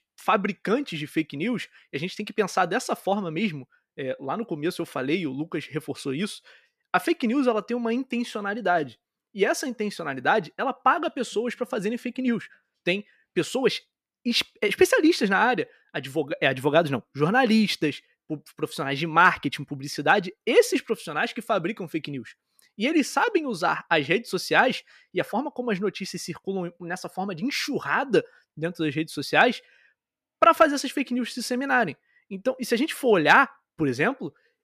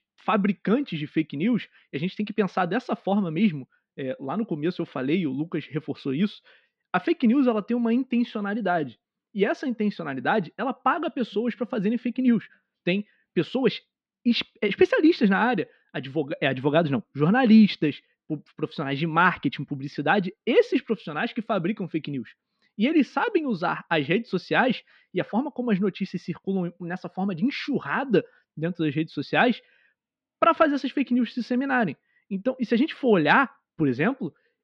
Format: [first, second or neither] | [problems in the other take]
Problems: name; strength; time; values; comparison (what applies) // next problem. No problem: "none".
first | muffled; very slightly; fading above 4 kHz